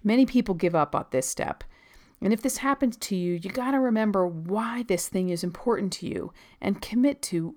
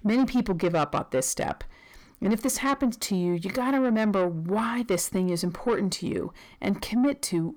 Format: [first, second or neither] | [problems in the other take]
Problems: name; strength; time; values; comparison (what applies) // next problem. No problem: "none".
first | distortion; slight; 10 dB below the speech